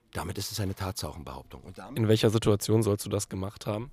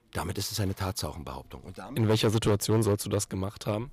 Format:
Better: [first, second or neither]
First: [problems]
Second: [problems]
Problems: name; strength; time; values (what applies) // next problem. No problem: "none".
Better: first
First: none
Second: distortion; slight; 4% of the sound clipped